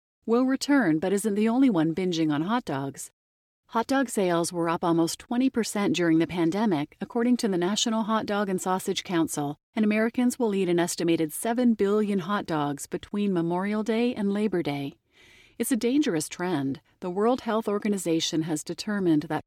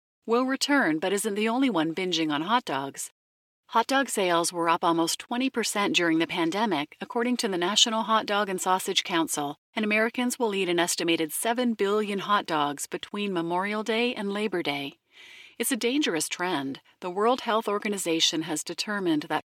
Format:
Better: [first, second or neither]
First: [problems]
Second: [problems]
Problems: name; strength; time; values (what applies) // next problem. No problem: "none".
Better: first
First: none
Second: thin; somewhat; fading below 550 Hz